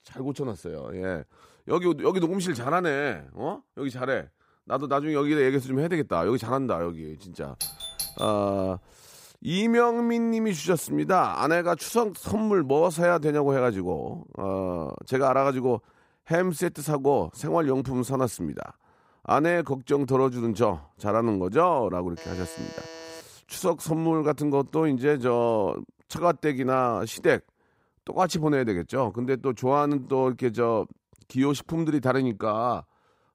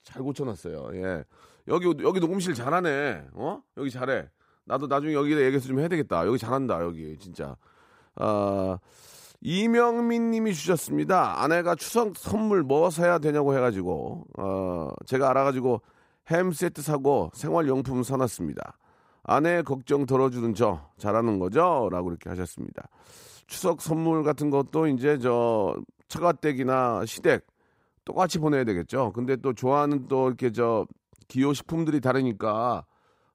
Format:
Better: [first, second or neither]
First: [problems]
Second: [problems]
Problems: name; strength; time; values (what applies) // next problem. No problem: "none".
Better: second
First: doorbell; noticeable; at 7.5 s; peak 7 dB below the speech // alarm; faint; from 22 to 23 s; peak 15 dB below the speech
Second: none